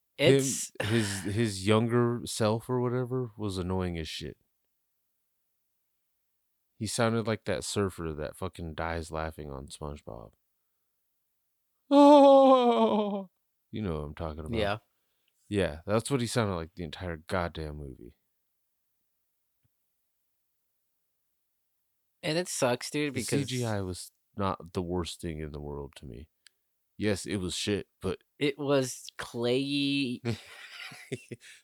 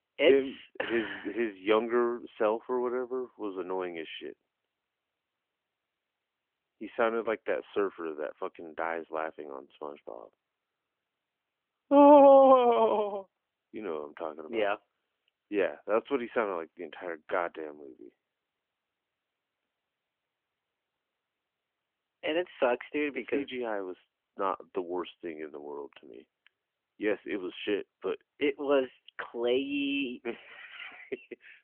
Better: first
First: none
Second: phone-call audio; nothing above 3 kHz

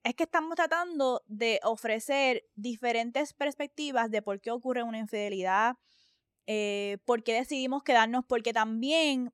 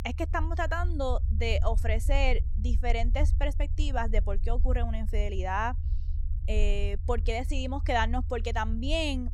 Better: first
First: none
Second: low rumble; noticeable; throughout; 20 dB below the speech

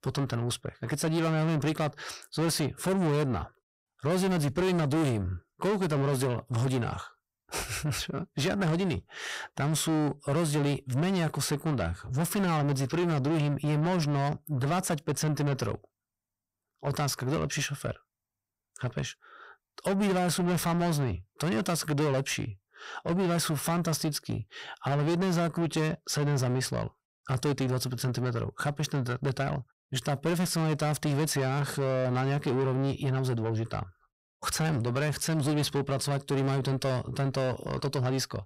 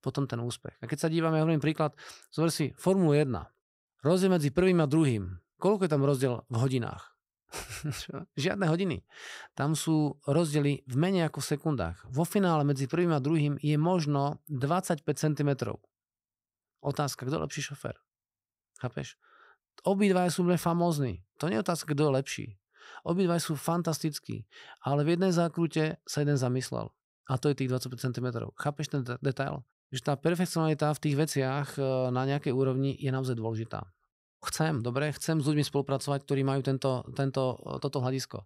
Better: second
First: distortion; heavy; 7 dB below the speech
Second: none

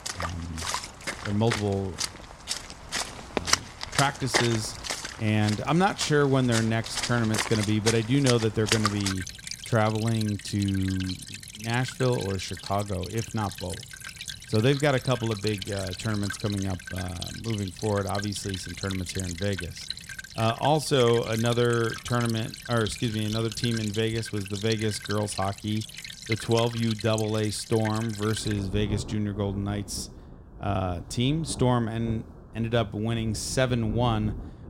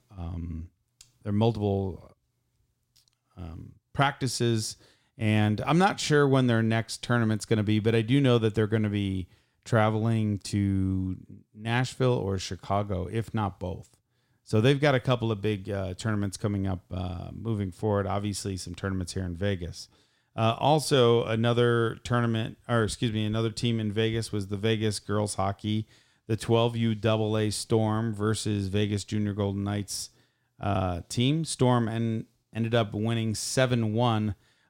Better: second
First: rain or running water; loud; throughout; 7 dB below the speech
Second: none

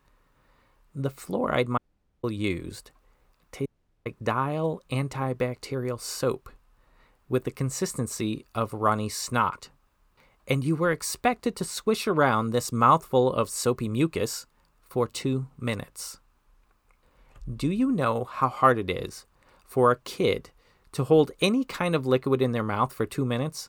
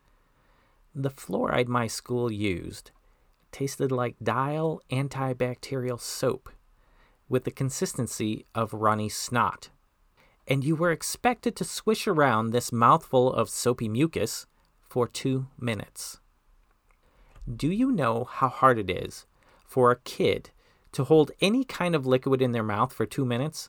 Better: second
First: audio cutting out; at 2 s and at 3.5 s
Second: none

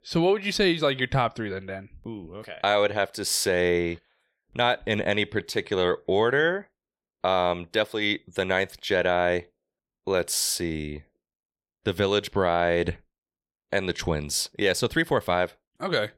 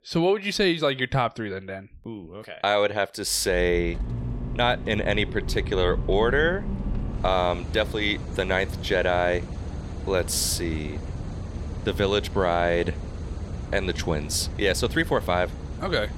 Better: first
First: none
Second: traffic noise; loud; from 3.5 s on; 9 dB below the speech

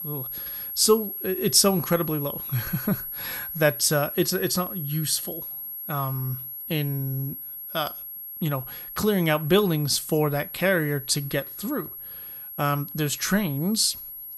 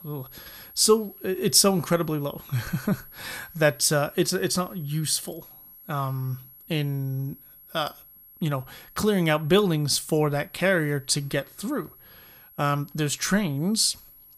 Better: second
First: high-pitched whine; loud; throughout; 11.5 kHz, 8 dB below the speech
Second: high-pitched whine; faint; throughout; 11.5 kHz, 20 dB below the speech

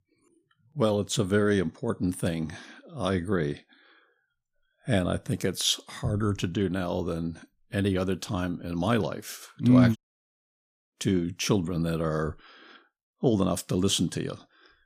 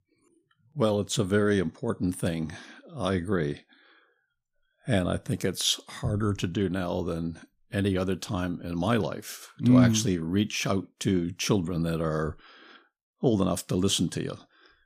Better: second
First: audio cutting out; at 10 s for 1 s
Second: none

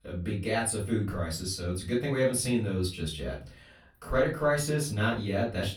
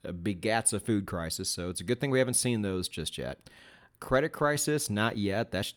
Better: second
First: room echo; slight; dies away in 0.3 s // off-mic speech; far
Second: none

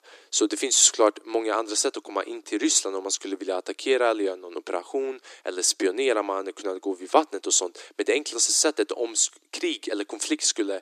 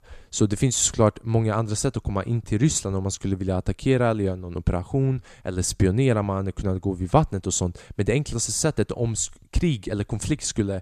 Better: second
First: thin; very; fading below 300 Hz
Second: none

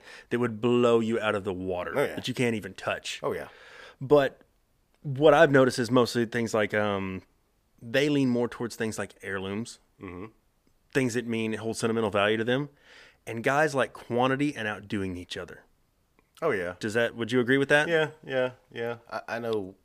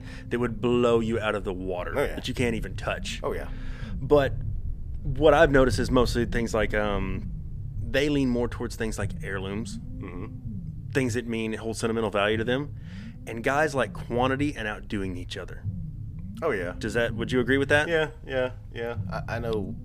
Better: first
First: none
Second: low rumble; faint; throughout; 25 dB below the speech

